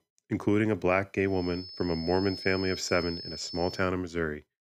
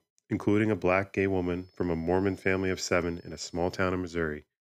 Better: second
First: high-pitched whine; loud; from 1.5 to 4 s; 5 kHz, 10 dB below the speech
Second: high-pitched whine; faint; from 1.5 to 4 s; 5 kHz, 30 dB below the speech

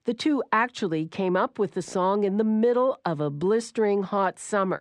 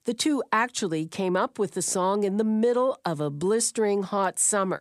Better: second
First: muffled; slightly; fading above 3.5 kHz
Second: none

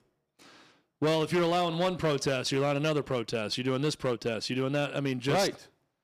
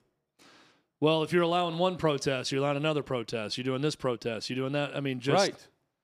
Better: second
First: distortion; slight; 9% of the sound clipped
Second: none

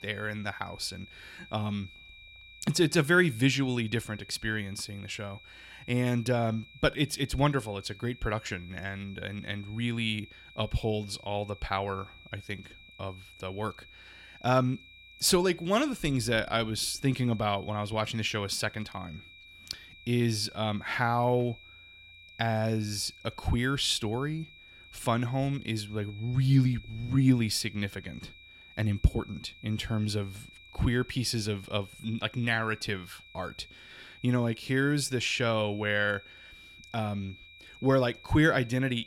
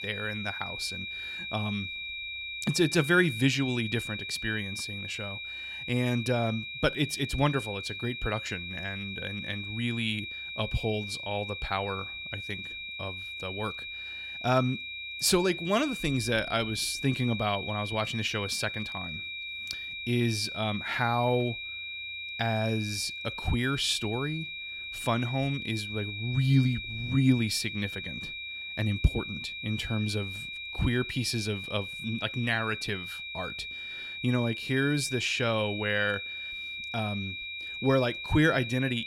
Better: first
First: high-pitched whine; faint; throughout; 2.5 kHz, 20 dB below the speech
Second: high-pitched whine; loud; throughout; 2.5 kHz, 6 dB below the speech

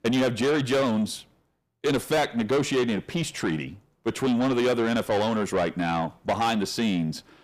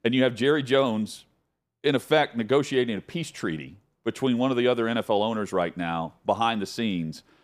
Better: second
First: distortion; heavy; 8 dB below the speech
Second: none

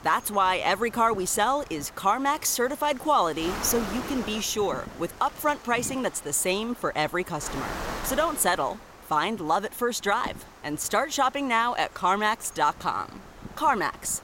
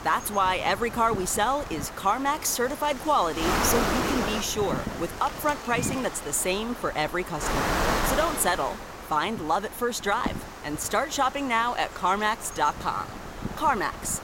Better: first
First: wind noise on the microphone; occasional gusts; 15 dB below the speech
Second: wind noise on the microphone; heavy; 6 dB below the speech

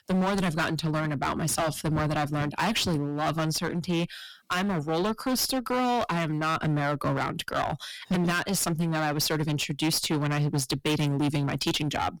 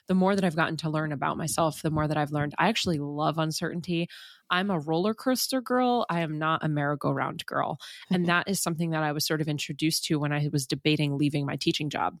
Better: second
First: distortion; heavy; 18% of the sound clipped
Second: none

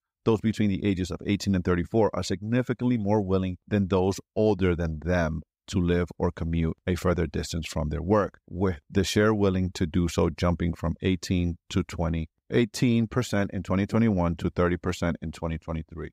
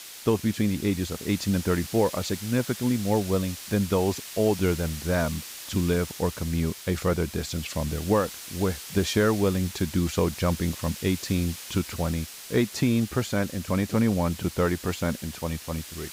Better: first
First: none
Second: hiss; noticeable; throughout; 10 dB below the speech

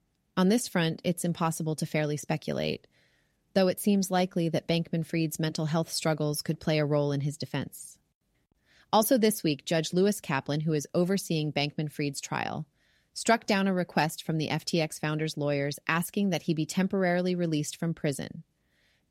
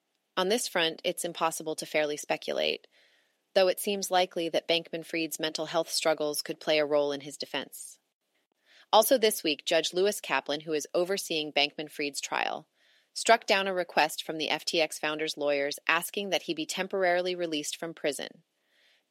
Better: first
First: none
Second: thin; very; fading below 350 Hz

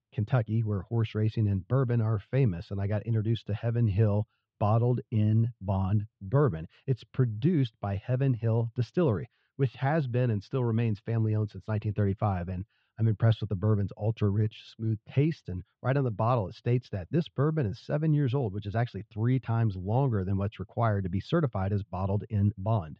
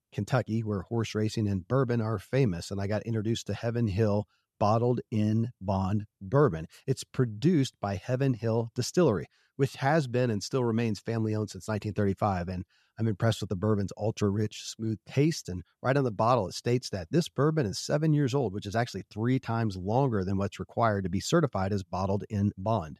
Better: second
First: muffled; slightly; fading above 3.5 kHz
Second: none

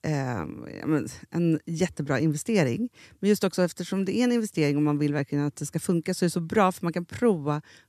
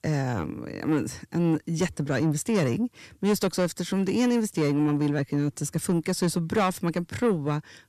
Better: first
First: none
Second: distortion; slight; 10 dB below the speech

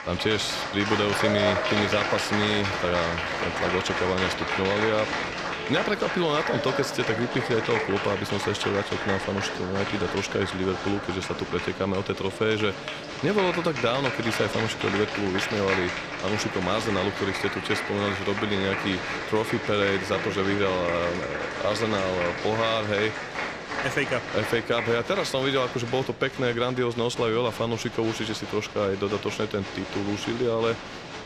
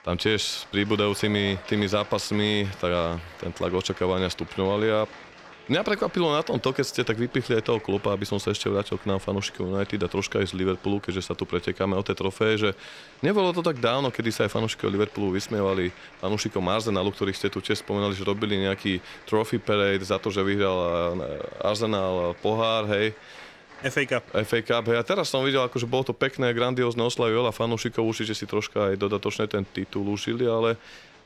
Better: second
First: crowd noise; loud; throughout; 3 dB below the speech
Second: crowd noise; faint; throughout; 20 dB below the speech

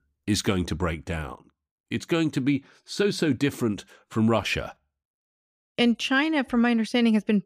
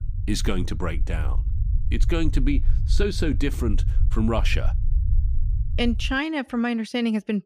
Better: first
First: none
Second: low rumble; noticeable; until 6 s; 15 dB below the speech

